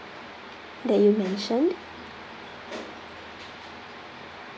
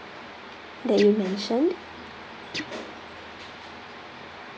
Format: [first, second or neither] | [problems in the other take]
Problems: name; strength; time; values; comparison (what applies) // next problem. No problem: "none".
first | background sound (Guitar); 13 dB below the speech